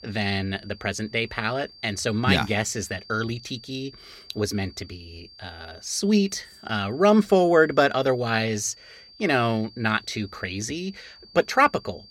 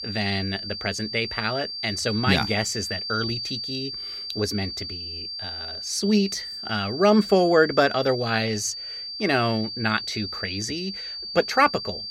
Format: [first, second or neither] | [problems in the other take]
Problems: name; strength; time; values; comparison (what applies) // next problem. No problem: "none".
first | high-pitched whine; loud; throughout; 4.5 kHz, 7 dB below the speech; faint in the first